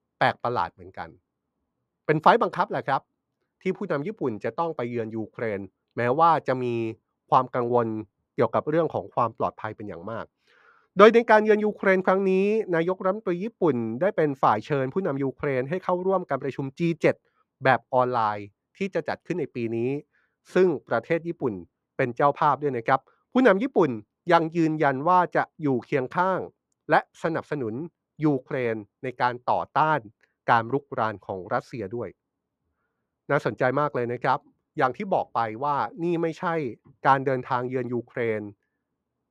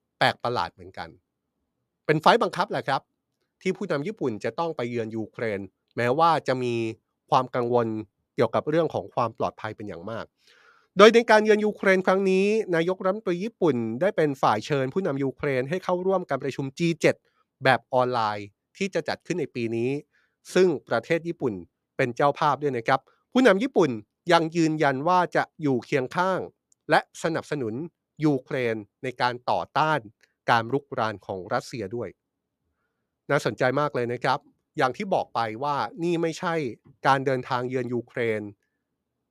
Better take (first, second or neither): second